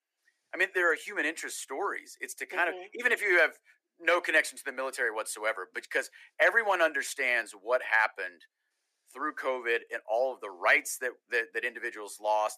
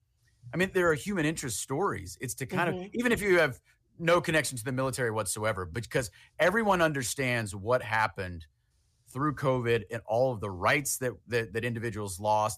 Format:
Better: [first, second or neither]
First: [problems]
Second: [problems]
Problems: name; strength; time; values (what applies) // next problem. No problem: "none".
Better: second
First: thin; very; fading below 300 Hz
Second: none